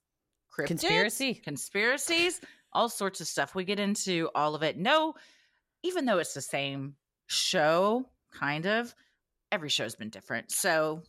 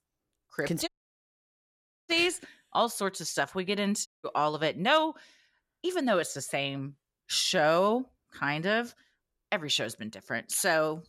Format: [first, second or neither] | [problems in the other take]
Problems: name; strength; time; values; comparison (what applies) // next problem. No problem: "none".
first | audio cutting out; at 1 s for 1 s and at 4 s